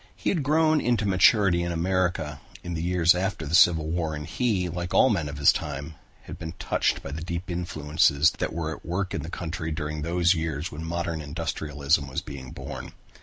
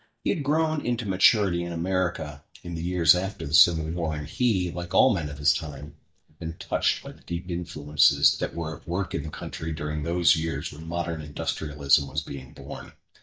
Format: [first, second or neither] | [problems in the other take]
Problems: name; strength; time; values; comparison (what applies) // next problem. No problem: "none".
first | noise reduction (neural mask model DeepFilterNet 3)